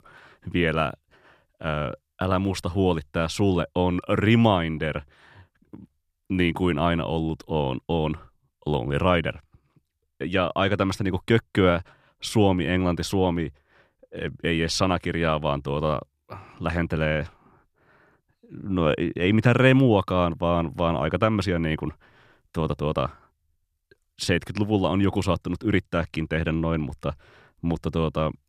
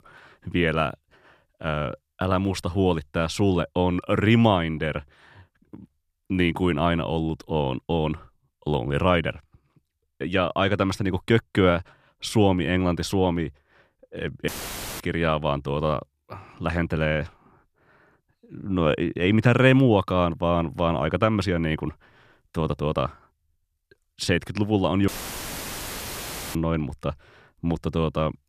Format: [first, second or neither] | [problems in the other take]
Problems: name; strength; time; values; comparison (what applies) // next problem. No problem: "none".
first | audio cutting out; filled with static; at 14 s for 0.5 s and at 25 s for 1.5 s